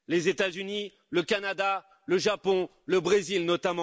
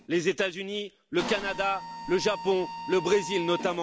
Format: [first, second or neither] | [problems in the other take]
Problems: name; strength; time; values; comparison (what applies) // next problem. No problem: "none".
first | background sound (Mechanisms); 11 dB below the speech